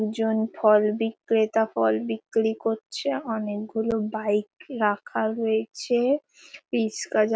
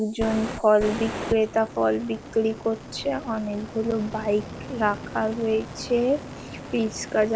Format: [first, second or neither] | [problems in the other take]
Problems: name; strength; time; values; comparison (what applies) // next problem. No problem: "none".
first | background sound (Fire); 11 dB below the speech